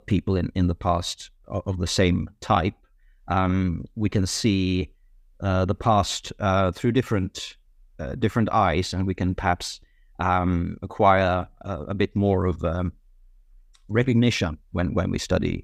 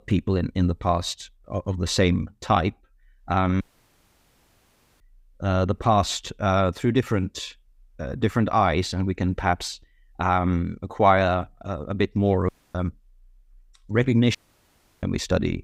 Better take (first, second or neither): first